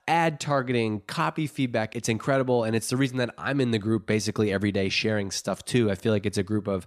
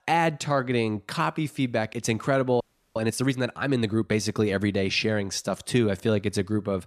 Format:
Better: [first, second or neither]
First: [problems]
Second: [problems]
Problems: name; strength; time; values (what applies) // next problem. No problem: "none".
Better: first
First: none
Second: audio freezing; at 2.5 s